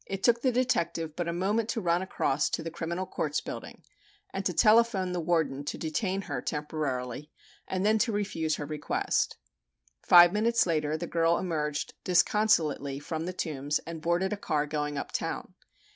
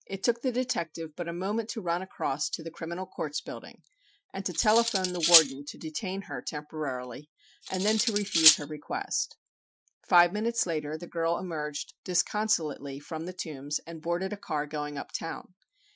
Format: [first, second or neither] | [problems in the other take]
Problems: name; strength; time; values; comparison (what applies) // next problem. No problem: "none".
first | noise reduction (classical method Wiener filter)